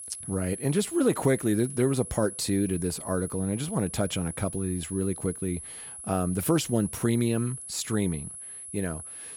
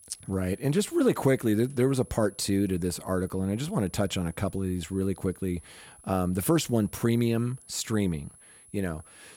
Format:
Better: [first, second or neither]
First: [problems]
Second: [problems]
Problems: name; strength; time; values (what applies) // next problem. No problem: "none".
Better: second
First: high-pitched whine; loud; throughout; 10.5 kHz, 10 dB below the speech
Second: high-pitched whine; faint; throughout; 10.5 kHz, 25 dB below the speech